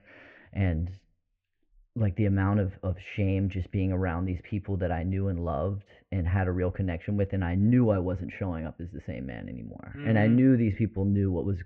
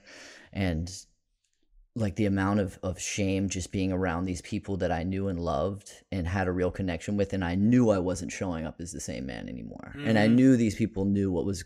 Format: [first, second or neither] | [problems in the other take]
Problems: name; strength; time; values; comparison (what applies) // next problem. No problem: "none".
second | muffled; very; fading above 2.5 kHz